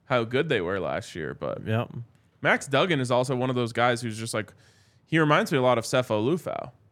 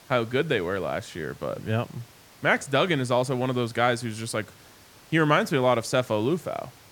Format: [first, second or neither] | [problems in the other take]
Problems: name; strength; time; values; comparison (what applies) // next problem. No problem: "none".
first | hiss; faint; throughout; 25 dB below the speech